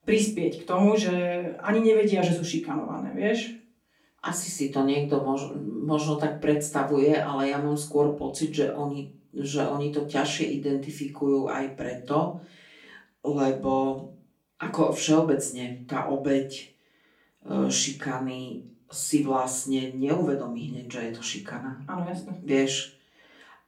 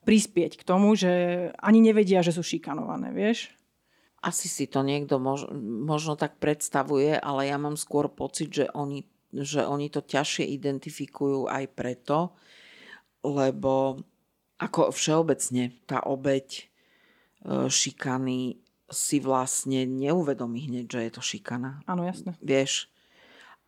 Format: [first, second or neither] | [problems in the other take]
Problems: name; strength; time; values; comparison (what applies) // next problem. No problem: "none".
second | room echo; slight; dies away in 0.3 s // off-mic speech; far